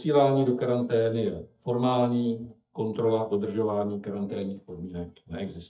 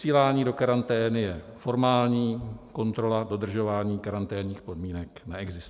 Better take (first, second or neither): second